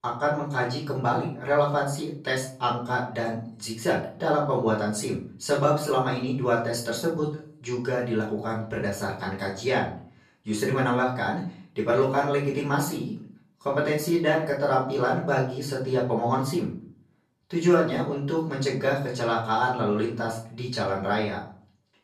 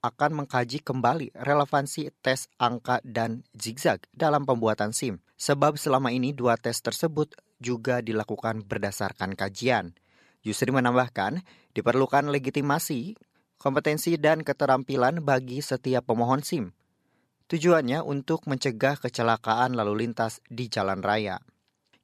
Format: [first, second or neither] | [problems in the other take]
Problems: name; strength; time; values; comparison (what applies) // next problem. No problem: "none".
second | off-mic speech; far // room echo; noticeable; dies away in 0.4 s